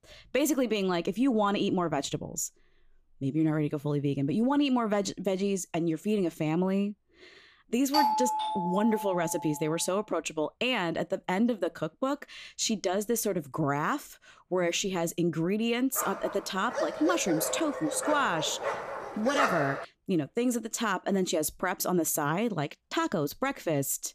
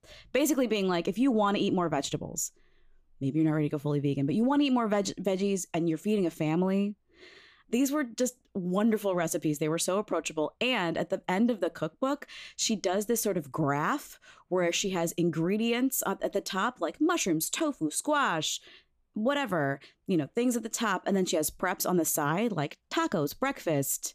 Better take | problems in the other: second | doorbell; loud; from 8 to 9.5 s; peak 3 dB above the speech // dog barking; loud; from 16 to 20 s; peak 2 dB above the speech

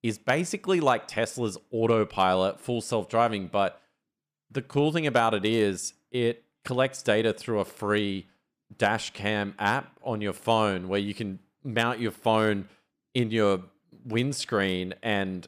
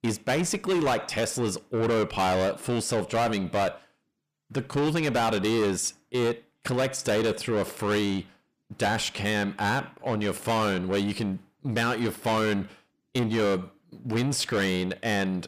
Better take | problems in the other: first | distortion; heavy; 6 dB below the speech

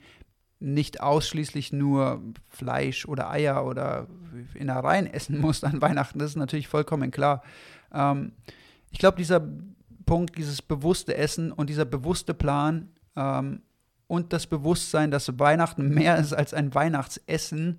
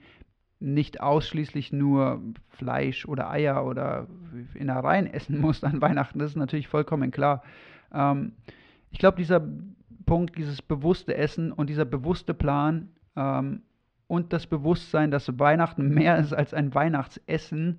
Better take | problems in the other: first | muffled; slightly; fading above 3.5 kHz

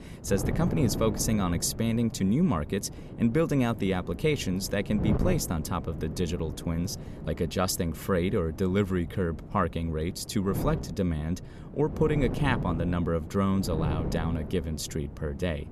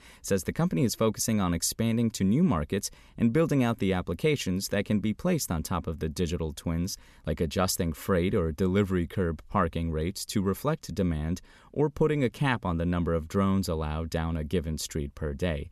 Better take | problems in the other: second | wind noise on the microphone; occasional gusts; 10 dB below the speech

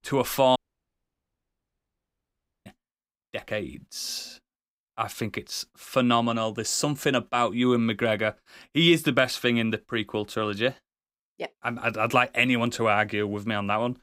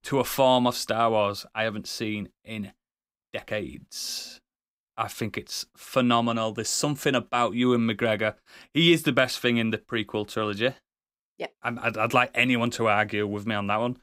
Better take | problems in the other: second | audio cutting out; at 0.5 s for 2 s

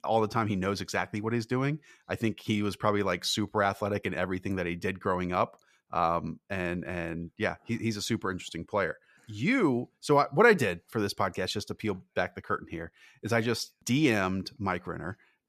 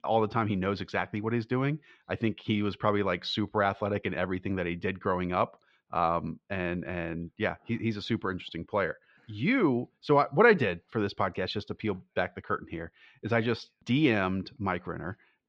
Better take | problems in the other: first | muffled; very slightly; fading above 3.5 kHz

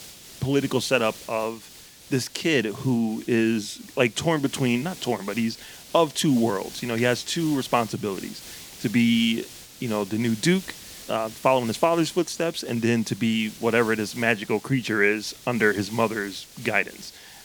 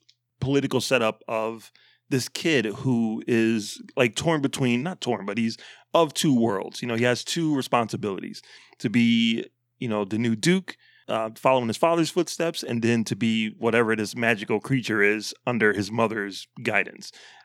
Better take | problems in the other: second | hiss; noticeable; throughout; 15 dB below the speech

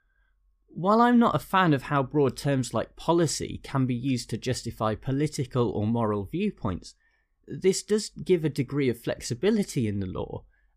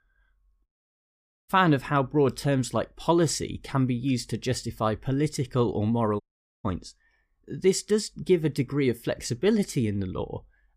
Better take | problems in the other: first | audio cutting out; at 0.5 s for 1 s and at 6 s

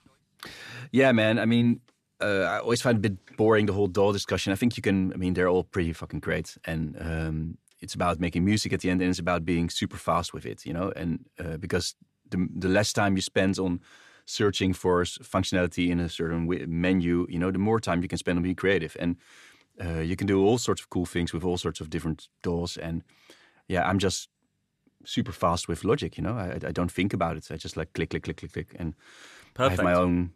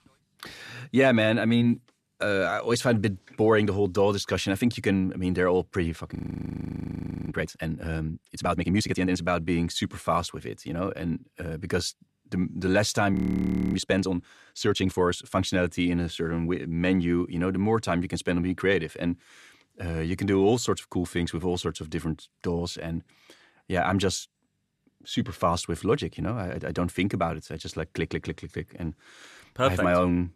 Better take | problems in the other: first | audio freezing; at 6 s for 1 s and at 13 s for 0.5 s

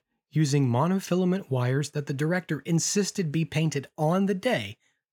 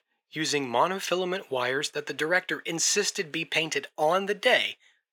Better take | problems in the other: first | thin; very; fading below 500 Hz

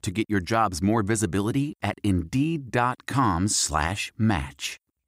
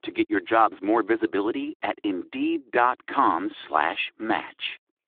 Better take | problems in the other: first | phone-call audio

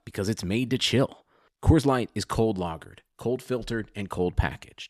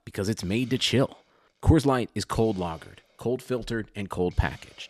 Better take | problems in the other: first | hiss; faint; throughout; 25 dB below the speech

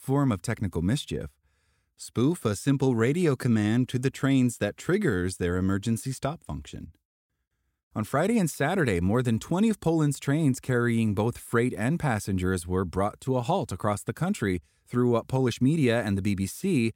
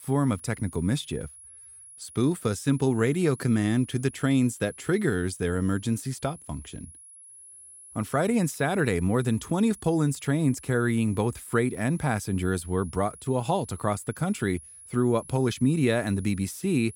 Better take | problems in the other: first | high-pitched whine; noticeable; throughout; 10.5 kHz, 20 dB below the speech

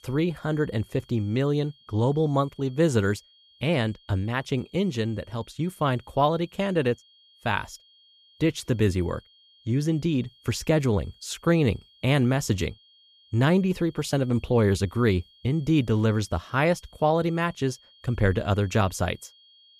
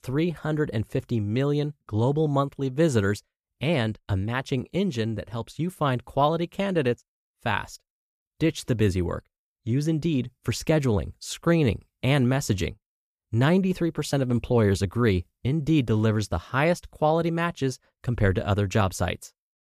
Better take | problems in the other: second | high-pitched whine; faint; throughout; 3 kHz, 30 dB below the speech

